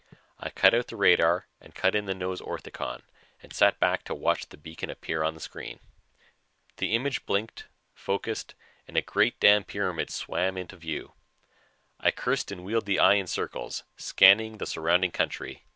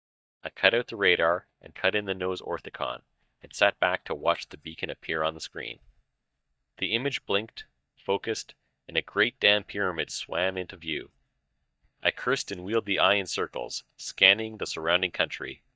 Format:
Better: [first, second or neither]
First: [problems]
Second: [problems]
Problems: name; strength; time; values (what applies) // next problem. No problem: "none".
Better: first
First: none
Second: noise reduction (neural mask model DeepFilterNet 3)